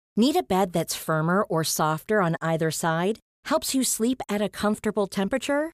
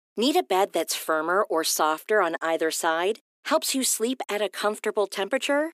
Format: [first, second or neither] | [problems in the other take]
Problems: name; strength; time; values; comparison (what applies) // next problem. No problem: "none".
first | thin; somewhat; fading below 300 Hz